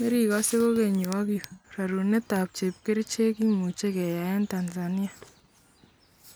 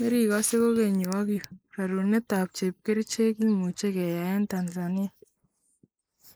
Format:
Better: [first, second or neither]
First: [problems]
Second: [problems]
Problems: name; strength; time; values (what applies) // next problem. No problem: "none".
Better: first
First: none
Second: noise reduction (neural mask model Resemble Enhance denoiser)